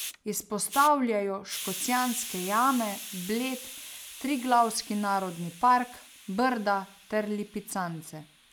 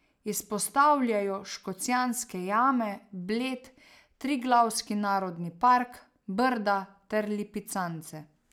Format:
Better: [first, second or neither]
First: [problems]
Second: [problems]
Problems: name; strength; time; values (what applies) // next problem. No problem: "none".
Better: second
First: background sound (Hiss); 13 dB below the speech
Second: none